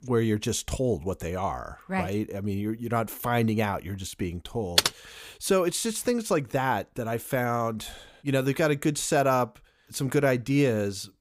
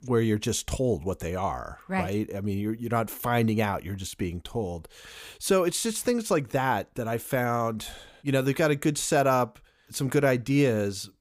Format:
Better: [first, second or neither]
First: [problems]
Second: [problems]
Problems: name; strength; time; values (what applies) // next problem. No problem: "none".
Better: second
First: keyboard typing; loud; at 5 s; peak 4 dB above the speech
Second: none